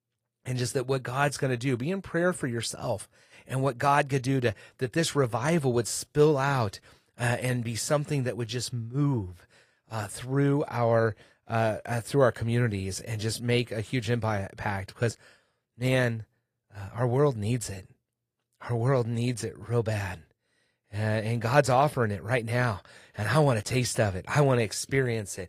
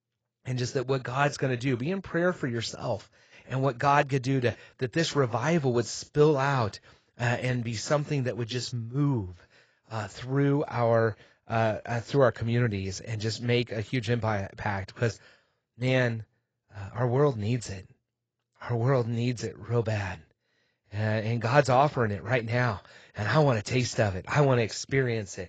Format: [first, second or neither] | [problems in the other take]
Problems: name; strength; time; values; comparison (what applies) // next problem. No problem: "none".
first | garbled, watery; badly; nothing above 7.5 kHz; slightly in the first